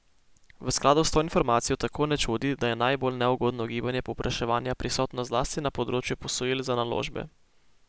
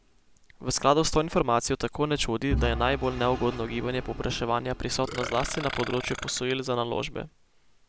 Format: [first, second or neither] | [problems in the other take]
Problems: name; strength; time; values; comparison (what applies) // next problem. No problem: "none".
first | background sound (Burping, eructation + Engine / Vehicle); 9 dB below the speech